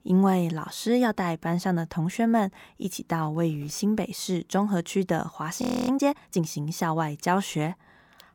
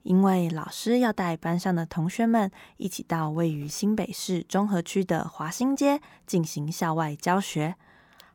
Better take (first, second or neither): second